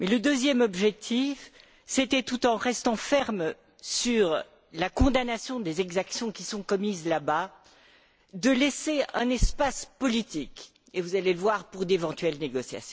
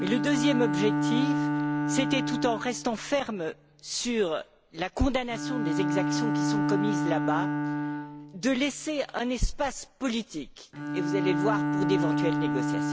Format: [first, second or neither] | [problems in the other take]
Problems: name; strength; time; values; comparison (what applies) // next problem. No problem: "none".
first | background sound (Bowed string instrument); 1 dB above the speech